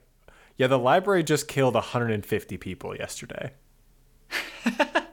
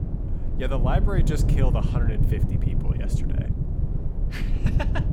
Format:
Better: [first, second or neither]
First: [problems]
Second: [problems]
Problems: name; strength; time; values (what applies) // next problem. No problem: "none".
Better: first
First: none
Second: low rumble; loud; throughout; 4 dB below the speech